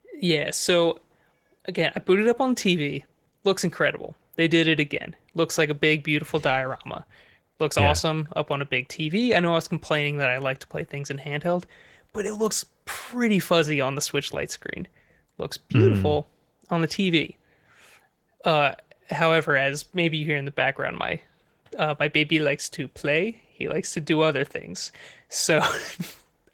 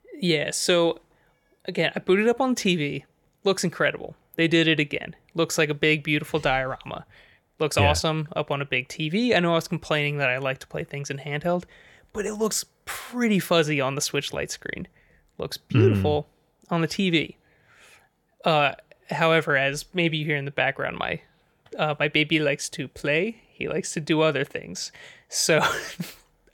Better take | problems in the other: second | garbled, watery; slightly; nothing above 17 kHz

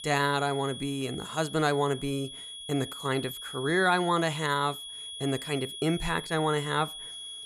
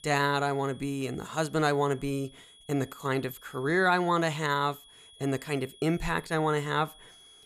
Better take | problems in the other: second | high-pitched whine; loud; throughout; 3.5 kHz, 10 dB below the speech; faint in the second

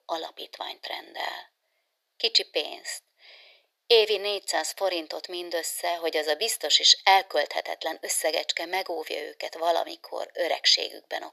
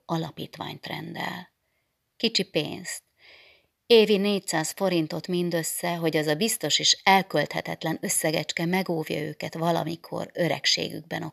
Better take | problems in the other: second | thin; very; fading below 400 Hz

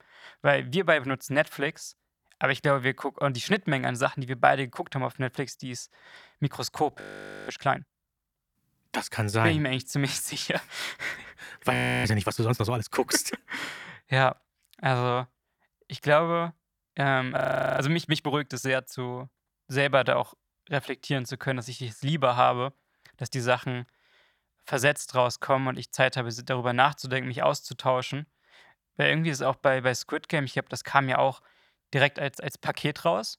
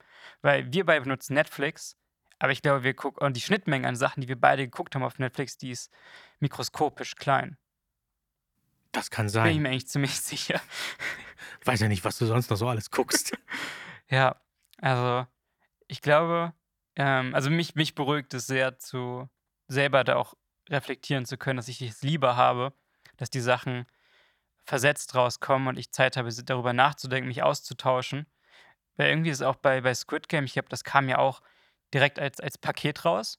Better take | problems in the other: second | audio freezing; at 7 s, at 12 s and at 17 s

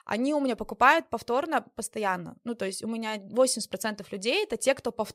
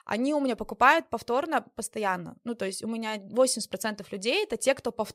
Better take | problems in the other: neither | none

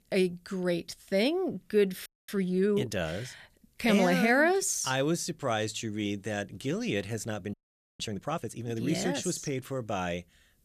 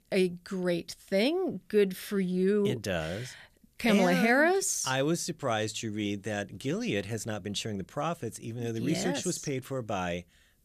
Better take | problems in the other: second | audio freezing; at 2 s and at 7.5 s

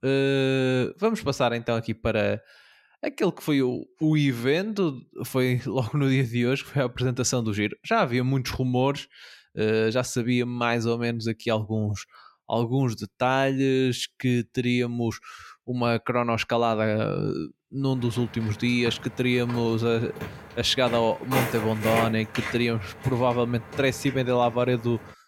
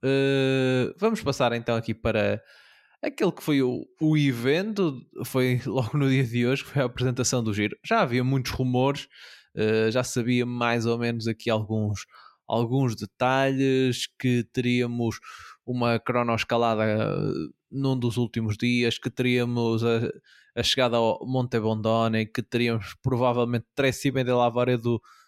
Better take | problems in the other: second | footsteps; noticeable; from 18 to 24 s; peak 2 dB below the speech

